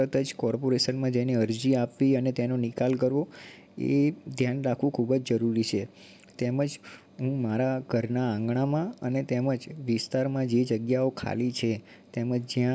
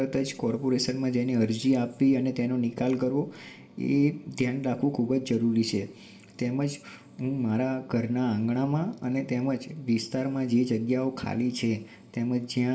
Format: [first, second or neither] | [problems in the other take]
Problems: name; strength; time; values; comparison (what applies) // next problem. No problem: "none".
first | room echo; dies away in 1.3 s